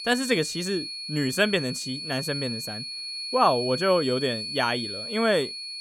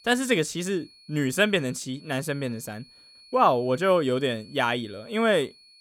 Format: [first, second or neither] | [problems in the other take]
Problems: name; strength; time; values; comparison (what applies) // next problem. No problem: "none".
second | high-pitched whine; loud; throughout; 4.5 kHz, 6 dB below the speech; faint in the second